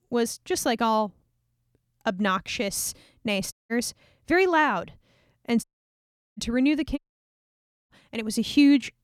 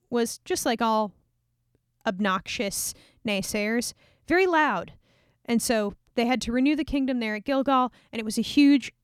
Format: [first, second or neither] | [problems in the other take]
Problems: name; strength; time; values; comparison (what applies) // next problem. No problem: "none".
second | audio cutting out; at 3.5 s, at 5.5 s for 0.5 s and at 7 s for 1 s